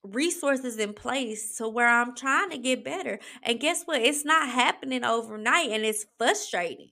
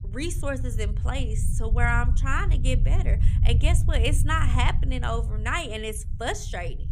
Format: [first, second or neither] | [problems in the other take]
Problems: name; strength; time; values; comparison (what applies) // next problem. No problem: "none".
first | low rumble; noticeable; throughout; 15 dB below the speech